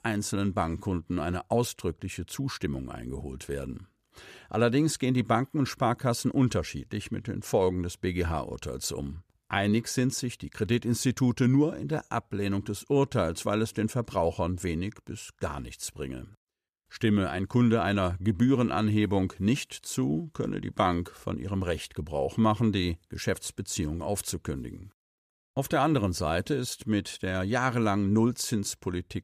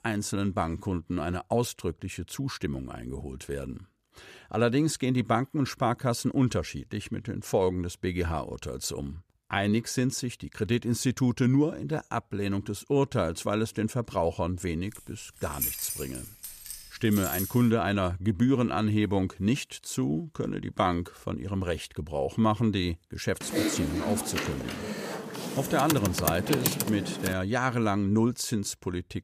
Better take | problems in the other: first | jangling keys; loud; from 15 to 18 s; peak level with the speech // keyboard typing; loud; from 23 to 27 s; peak 2 dB above the speech

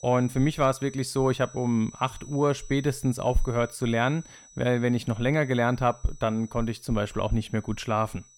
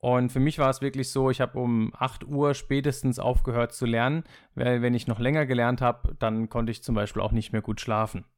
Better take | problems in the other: second | high-pitched whine; faint; throughout; 6 kHz, 20 dB below the speech

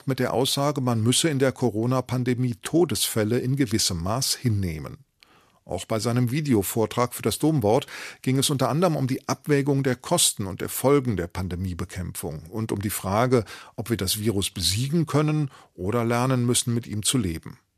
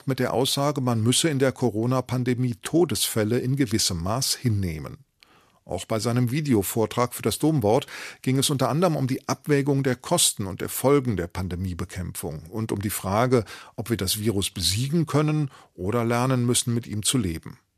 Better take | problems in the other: neither | none

